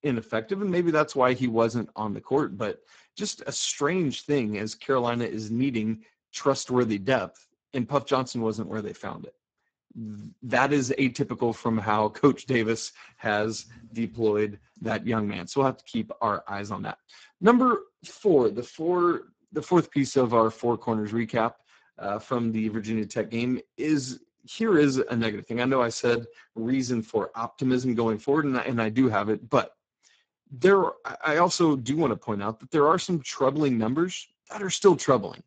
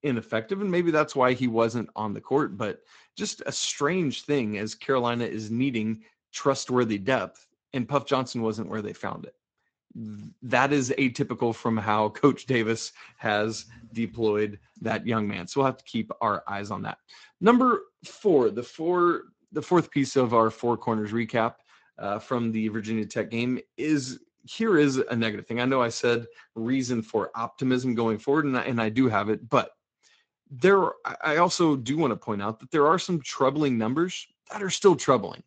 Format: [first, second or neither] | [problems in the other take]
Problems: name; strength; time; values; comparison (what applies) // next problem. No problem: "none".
second | garbled, watery; badly; nothing above 7.5 kHz; slightly in the second